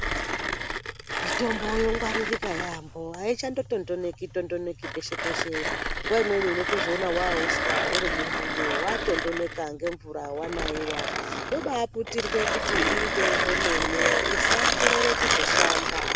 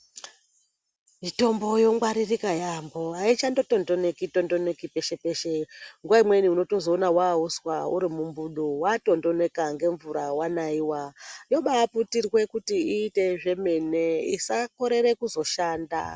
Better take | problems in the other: second | background sound (Mechanisms); 3 dB above the speech

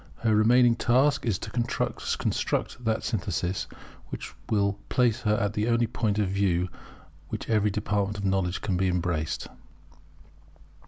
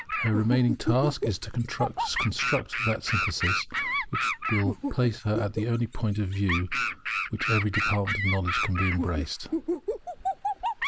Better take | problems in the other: first | noise reduction (neural mask model Resemble Enhance denoiser)

